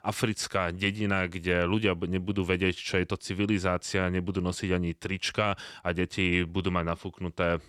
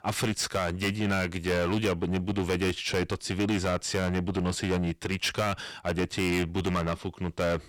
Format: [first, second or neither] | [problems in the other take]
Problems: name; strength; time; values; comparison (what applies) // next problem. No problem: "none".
first | distortion; heavy; 13% of the sound clipped